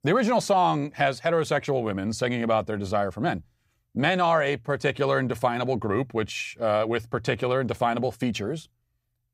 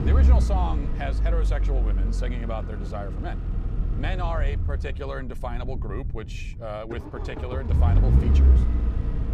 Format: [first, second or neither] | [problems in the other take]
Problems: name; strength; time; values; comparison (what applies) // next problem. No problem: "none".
first | low rumble; loud; throughout; 5 dB below the speech